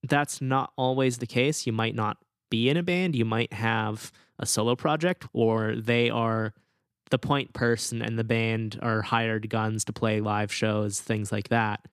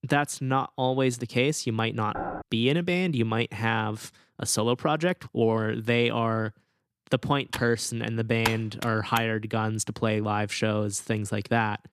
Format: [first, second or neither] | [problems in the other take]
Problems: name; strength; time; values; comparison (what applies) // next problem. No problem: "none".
first | door banging; noticeable; at 2 s; peak 8 dB below the speech // keyboard typing; noticeable; from 7.5 to 9 s; peak 4 dB below the speech